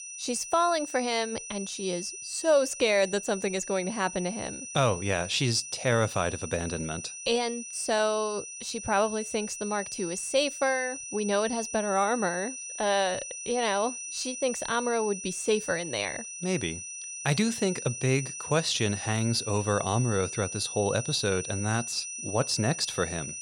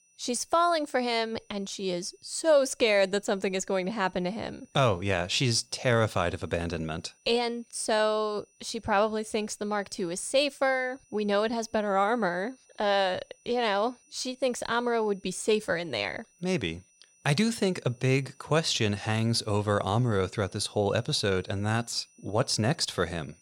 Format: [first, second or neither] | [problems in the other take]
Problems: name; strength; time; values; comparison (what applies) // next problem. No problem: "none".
second | high-pitched whine; loud; throughout; 6 kHz, 8 dB below the speech; faint in the second